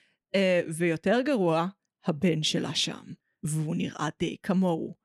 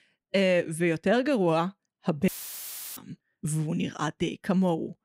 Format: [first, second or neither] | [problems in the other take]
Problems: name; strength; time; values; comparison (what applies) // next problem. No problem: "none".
first | audio cutting out; filled with static; at 2.5 s for 0.5 s